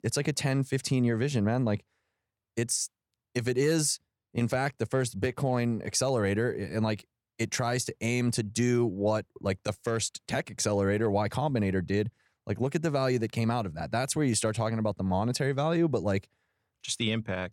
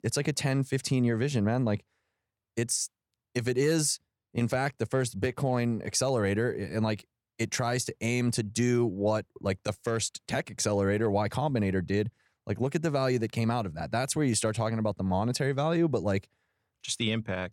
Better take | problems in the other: neither | none

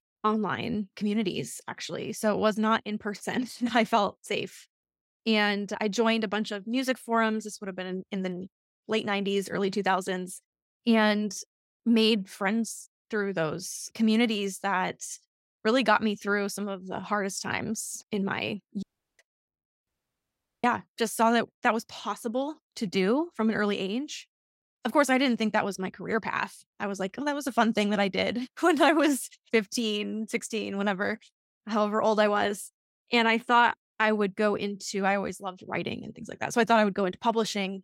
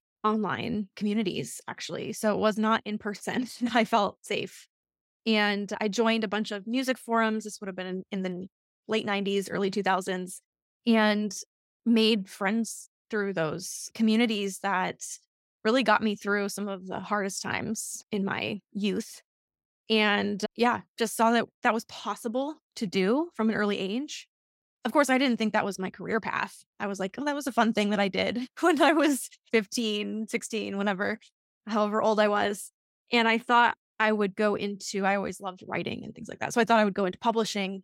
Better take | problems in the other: second | audio cutting out; at 19 s and at 20 s for 1 s

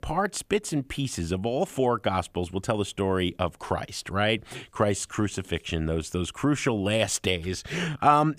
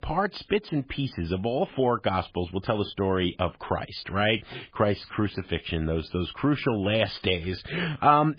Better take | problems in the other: first | garbled, watery; badly

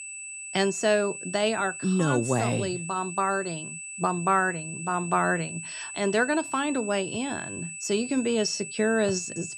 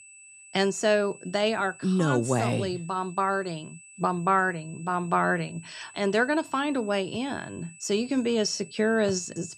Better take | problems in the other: second | high-pitched whine; loud; throughout; 2.5 kHz, 9 dB below the speech; faint in the second

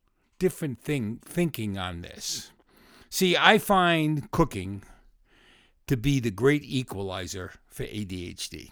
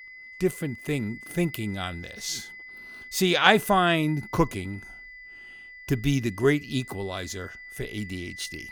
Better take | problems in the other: first | high-pitched whine; noticeable; throughout; 2 kHz, 15 dB below the speech

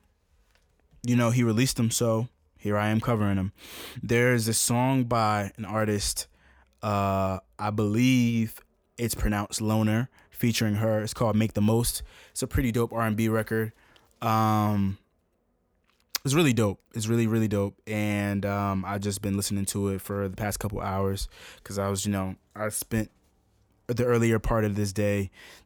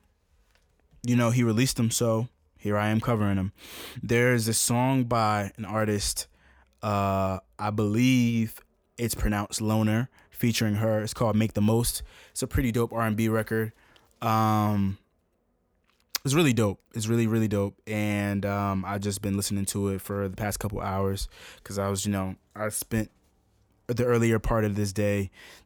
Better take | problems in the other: neither | none

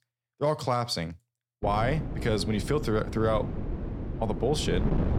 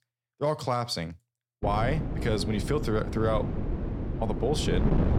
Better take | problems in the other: first | wind noise on the microphone; heavy; from 1.5 s on; 8 dB below the speech; occasional gusts in the first

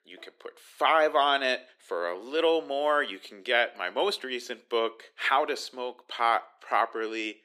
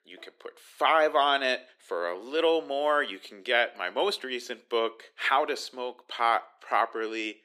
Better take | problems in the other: neither | thin; somewhat; fading below 300 Hz; the same in both

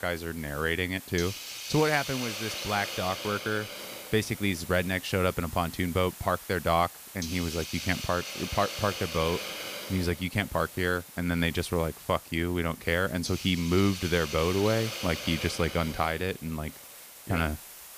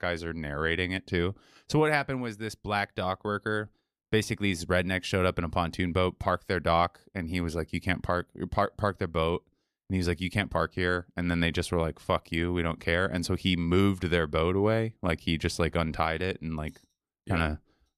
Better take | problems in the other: second | hiss; loud; throughout; 9 dB below the speech

